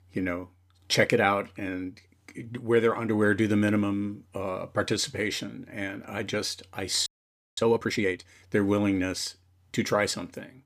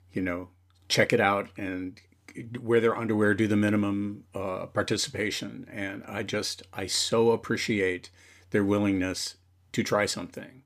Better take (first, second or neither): second